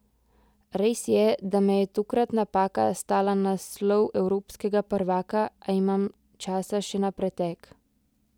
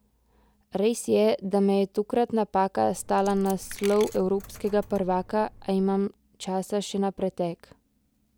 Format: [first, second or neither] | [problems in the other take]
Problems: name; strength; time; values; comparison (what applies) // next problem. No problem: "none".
first | background sound (Coin (dropping)); 18 dB below the speech